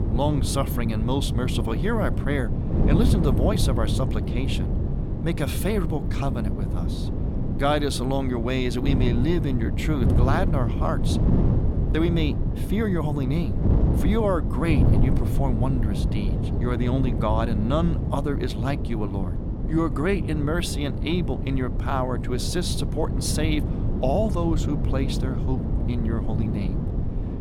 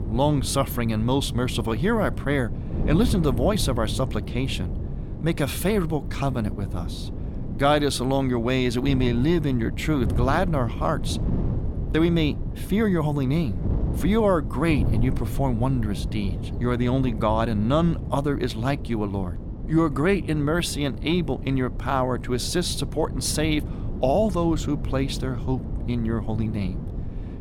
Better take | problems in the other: second | wind noise on the microphone; heavy; 6 dB below the speech; occasional gusts in the second

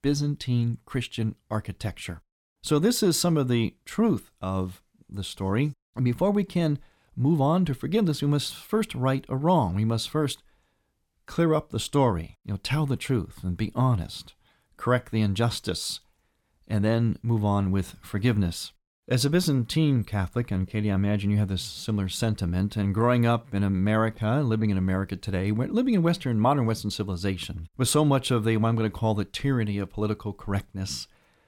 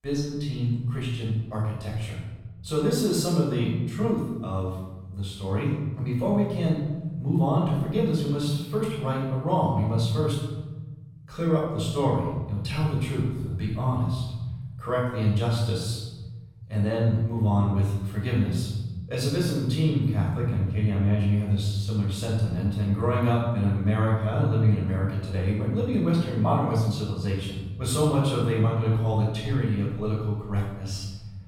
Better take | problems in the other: first | off-mic speech; far // room echo; noticeable; dies away in 1.7 s

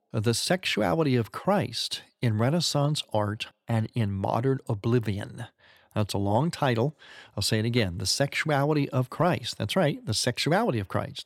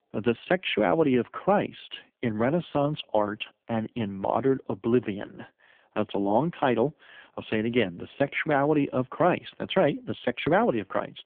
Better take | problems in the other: first | phone-call audio; poor line

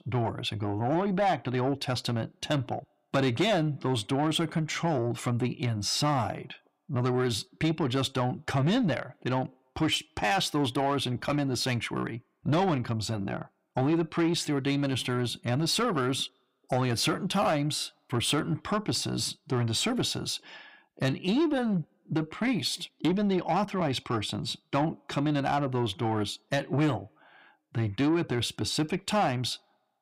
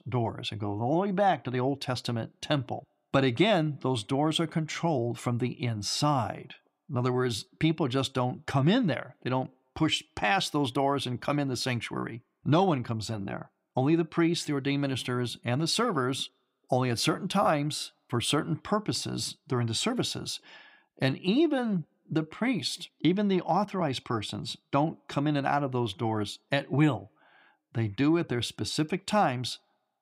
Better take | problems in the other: second | distortion; slight; 10 dB below the speech

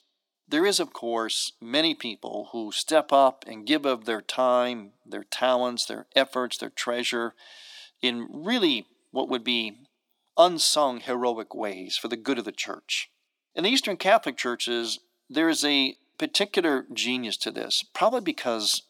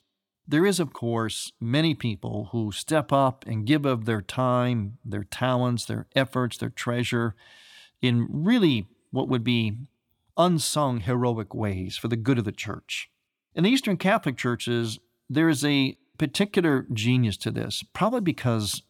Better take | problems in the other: second | thin; somewhat; fading below 300 Hz

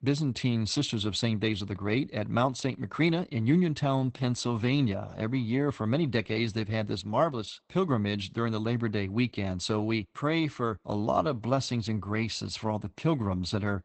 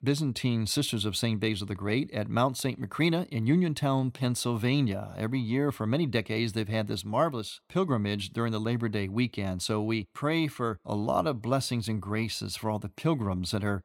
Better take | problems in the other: second | garbled, watery; badly; nothing above 8 kHz

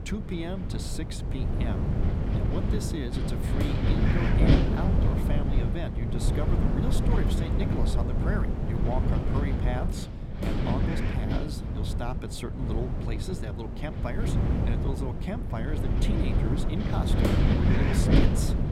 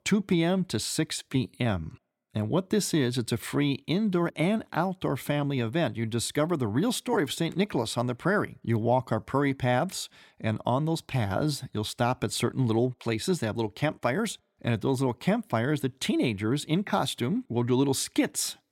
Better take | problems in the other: second | wind noise on the microphone; heavy; 3 dB above the speech

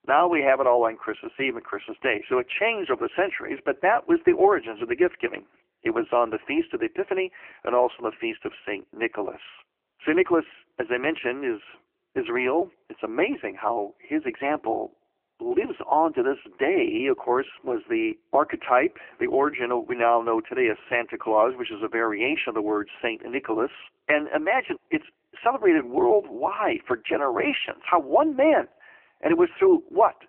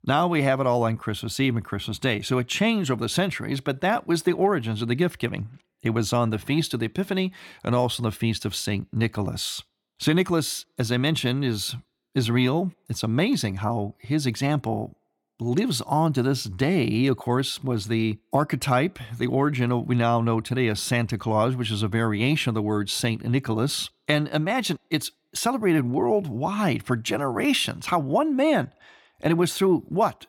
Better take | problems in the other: second | phone-call audio; poor line; nothing above 3 kHz

